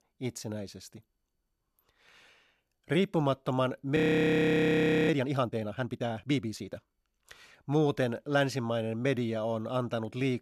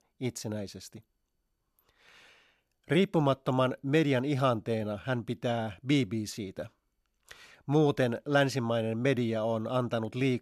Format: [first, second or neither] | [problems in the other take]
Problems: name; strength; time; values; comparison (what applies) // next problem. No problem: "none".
second | audio freezing; at 4 s for 1 s